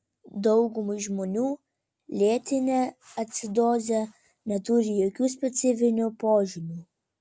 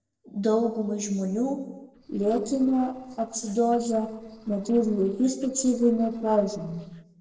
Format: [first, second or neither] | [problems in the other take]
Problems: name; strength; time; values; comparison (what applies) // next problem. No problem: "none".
first | noise reduction (neural separator model SepFormer DNS4)